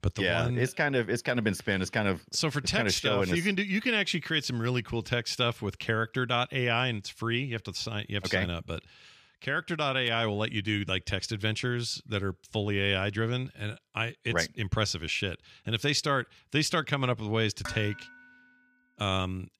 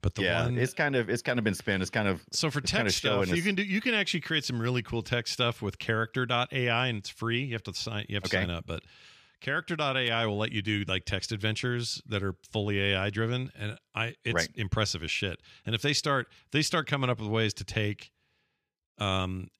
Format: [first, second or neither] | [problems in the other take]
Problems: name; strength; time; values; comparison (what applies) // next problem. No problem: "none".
second | clattering dishes; faint; at 18 s; peak 10 dB below the speech